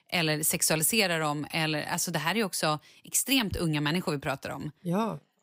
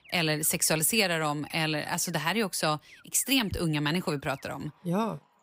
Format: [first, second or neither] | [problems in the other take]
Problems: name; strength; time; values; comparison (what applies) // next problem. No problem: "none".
first | alarms or sirens; faint; throughout; 30 dB below the speech